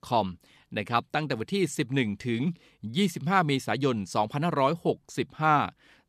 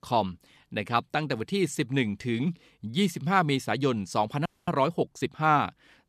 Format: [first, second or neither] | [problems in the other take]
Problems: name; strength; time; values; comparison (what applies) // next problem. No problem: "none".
first | audio freezing; at 4.5 s